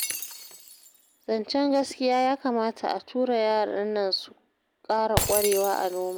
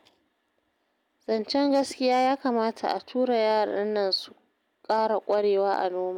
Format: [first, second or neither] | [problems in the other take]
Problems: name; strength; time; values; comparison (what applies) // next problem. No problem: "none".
second | background sound (Shatter); 9 dB below the speech